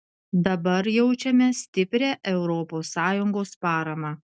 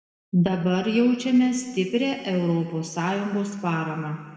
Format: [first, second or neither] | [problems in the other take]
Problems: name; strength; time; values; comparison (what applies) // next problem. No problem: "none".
first | room echo; dies away in 2 s